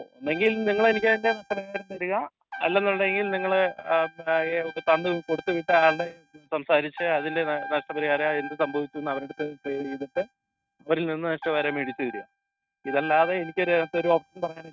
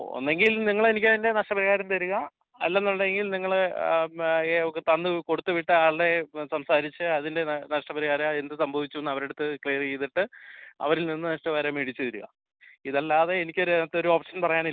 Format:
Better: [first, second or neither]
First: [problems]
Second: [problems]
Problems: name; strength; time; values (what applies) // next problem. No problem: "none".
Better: second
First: noise reduction (neural mask model RNNoise)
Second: none